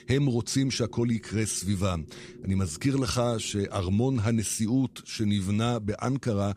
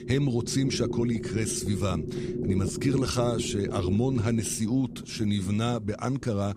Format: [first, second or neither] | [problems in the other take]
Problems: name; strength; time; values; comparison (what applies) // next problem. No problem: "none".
first | low rumble; loud; throughout; 6 dB below the speech; faint in the first